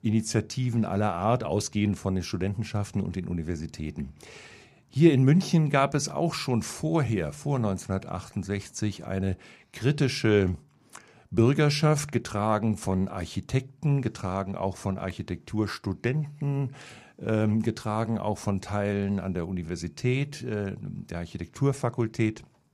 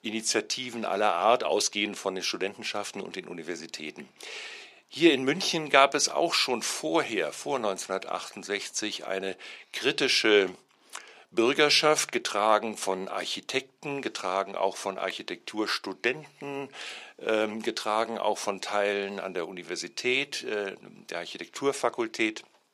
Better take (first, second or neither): first